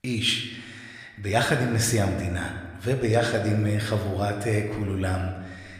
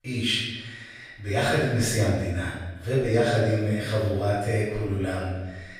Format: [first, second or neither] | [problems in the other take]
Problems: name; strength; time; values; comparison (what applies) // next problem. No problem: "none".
first | room echo; strong; dies away in 1.1 s; slight in the first // off-mic speech; far